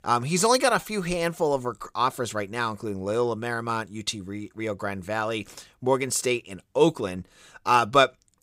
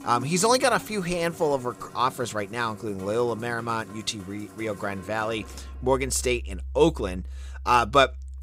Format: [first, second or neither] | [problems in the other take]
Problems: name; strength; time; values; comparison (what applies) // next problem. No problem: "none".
first | background music; noticeable; throughout; 15 dB below the speech